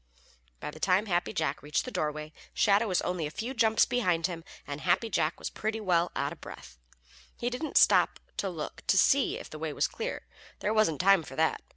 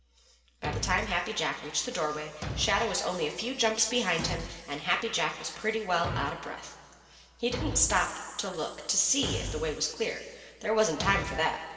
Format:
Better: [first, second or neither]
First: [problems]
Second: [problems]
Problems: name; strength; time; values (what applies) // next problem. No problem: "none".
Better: first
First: none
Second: background sound (Thump, thud); 10 dB below the speech // room echo; dies away in 3 s